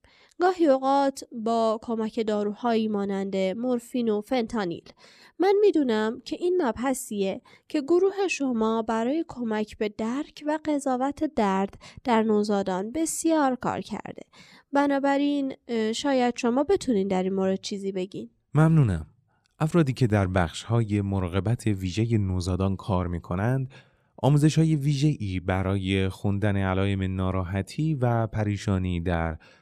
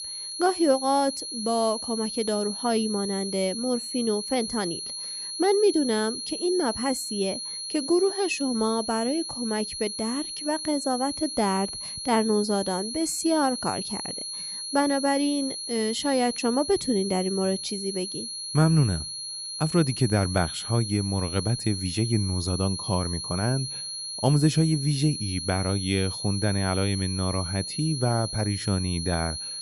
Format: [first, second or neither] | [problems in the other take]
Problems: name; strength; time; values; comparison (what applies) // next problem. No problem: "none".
first | high-pitched whine; loud; throughout; 4.5 kHz, 5 dB below the speech